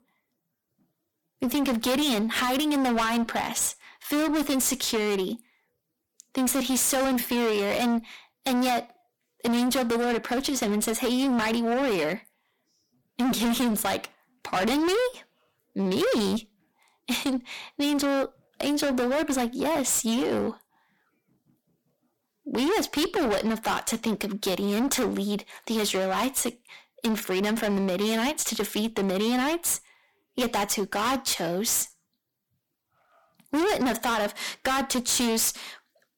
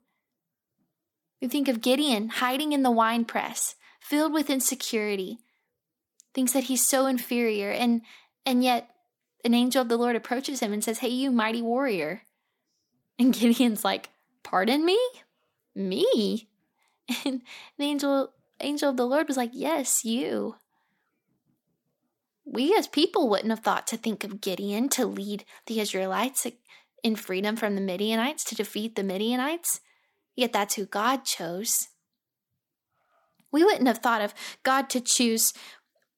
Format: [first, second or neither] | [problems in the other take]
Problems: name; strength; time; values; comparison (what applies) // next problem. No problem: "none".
second | distortion; heavy; 23% of the sound clipped